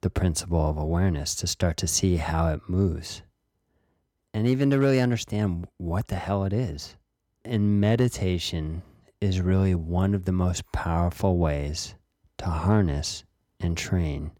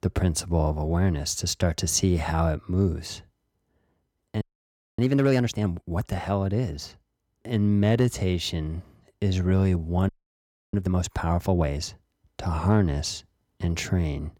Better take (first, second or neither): first